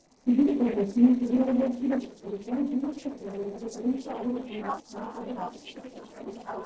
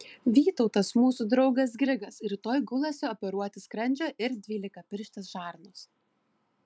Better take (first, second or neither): second